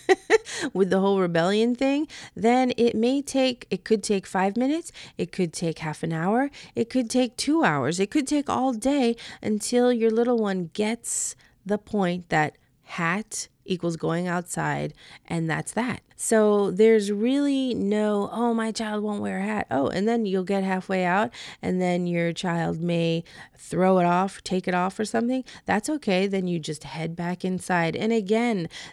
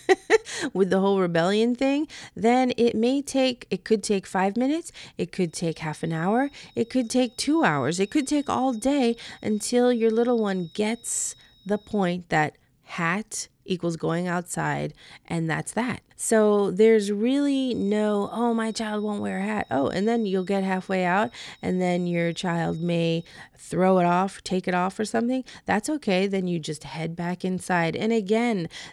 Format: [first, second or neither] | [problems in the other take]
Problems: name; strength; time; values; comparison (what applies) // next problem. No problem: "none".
first | high-pitched whine; faint; from 5.5 to 12 s and from 18 to 23 s; 4 kHz, 30 dB below the speech